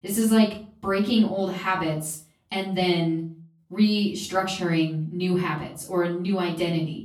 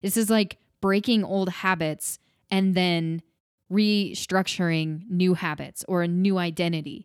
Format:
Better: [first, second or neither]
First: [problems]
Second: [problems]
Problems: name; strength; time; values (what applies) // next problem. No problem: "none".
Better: second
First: off-mic speech; far // room echo; slight; dies away in 0.4 s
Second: none